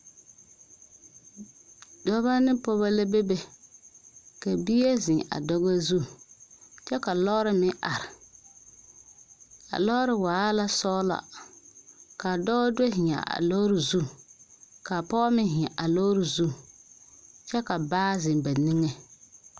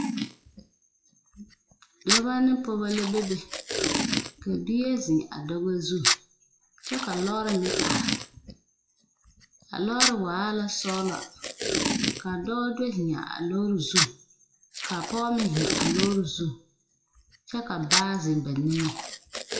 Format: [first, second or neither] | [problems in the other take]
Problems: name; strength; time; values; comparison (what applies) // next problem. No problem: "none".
first | noise reduction (classical method WPE with log-MMSE)